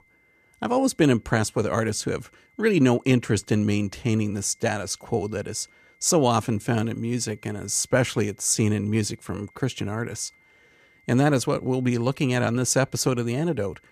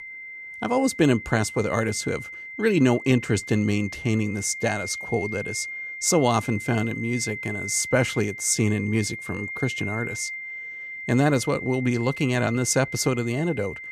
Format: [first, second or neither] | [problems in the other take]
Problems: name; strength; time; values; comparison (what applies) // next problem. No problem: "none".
first | high-pitched whine; loud; throughout; 2 kHz, 9 dB below the speech; faint in the first